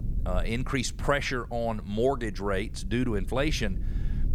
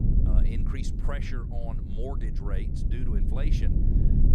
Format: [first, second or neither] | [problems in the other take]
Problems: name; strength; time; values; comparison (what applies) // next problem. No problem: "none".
first | low rumble; loud; throughout; 1 dB below the speech; faint in the first